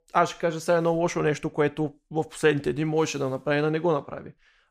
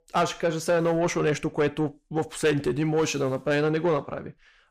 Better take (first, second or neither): first